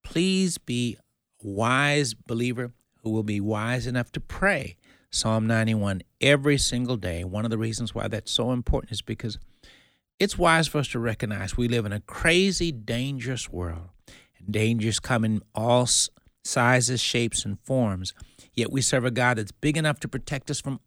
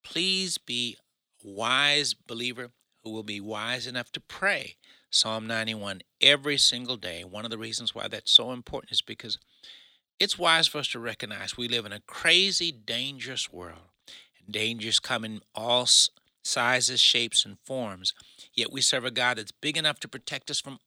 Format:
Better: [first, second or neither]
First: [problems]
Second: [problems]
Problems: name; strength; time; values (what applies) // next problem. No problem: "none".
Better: first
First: none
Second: thin; somewhat; fading below 550 Hz